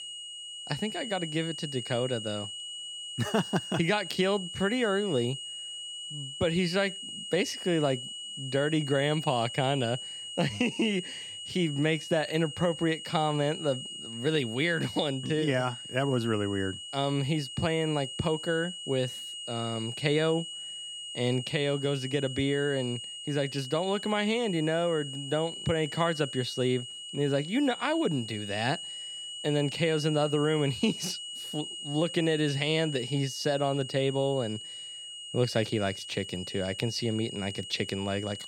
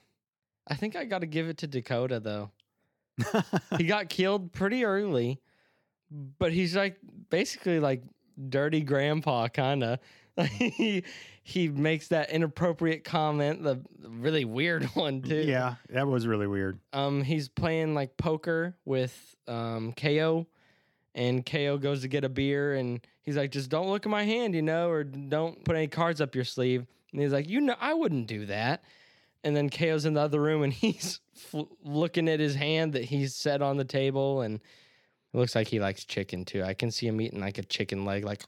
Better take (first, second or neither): second